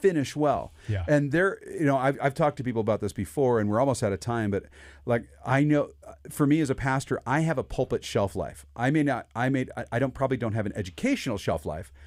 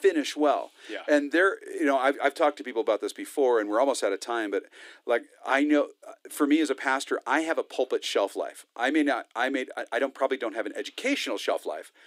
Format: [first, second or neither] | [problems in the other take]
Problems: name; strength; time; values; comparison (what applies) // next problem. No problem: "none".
first | thin; very slightly; fading below 300 Hz